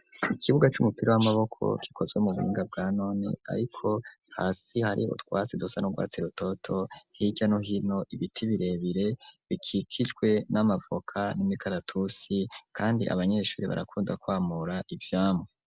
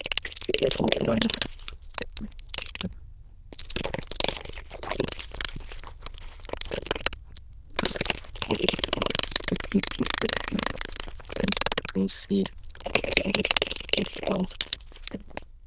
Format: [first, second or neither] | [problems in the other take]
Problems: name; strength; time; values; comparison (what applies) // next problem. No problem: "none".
first | noise reduction (neural diffusion model UNIVERSE++)